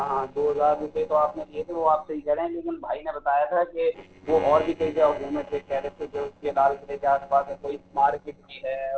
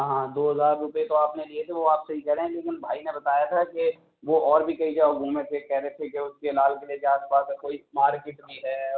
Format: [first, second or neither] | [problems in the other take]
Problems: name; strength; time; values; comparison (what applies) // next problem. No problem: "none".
second | noise reduction (neural separator model SepFormer DNS4)